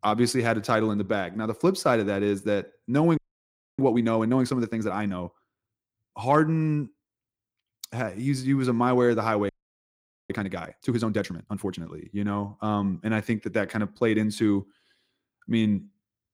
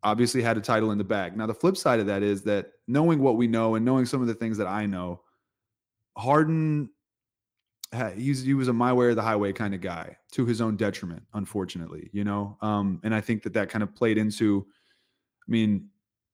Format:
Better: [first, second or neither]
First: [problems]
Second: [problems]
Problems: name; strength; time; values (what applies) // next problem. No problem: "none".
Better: second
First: audio freezing; at 3 s for 0.5 s and at 9.5 s for 1 s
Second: none